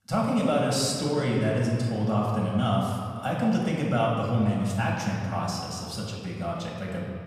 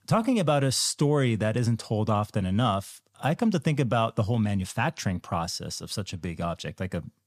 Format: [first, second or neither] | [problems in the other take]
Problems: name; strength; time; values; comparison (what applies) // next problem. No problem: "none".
second | room echo; noticeable; dies away in 1.9 s // off-mic speech; far